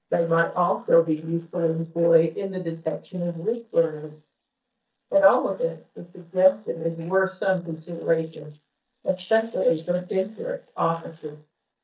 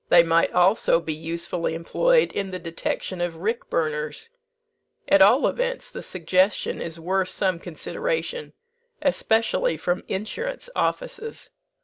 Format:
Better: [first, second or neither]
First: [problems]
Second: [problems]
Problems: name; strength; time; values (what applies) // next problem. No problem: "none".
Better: second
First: noise reduction (neural mask model DeepFilterNet 3)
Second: none